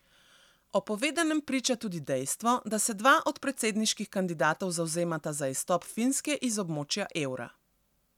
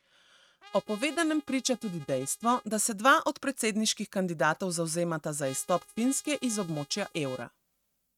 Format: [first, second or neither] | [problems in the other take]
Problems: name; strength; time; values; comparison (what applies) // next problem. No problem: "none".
first | noise reduction (neural mask model RNNoise)